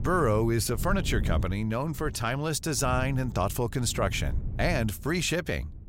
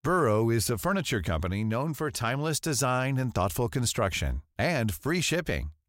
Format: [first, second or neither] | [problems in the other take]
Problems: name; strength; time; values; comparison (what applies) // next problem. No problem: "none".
second | wind noise on the microphone; occasional gusts; 20 dB below the speech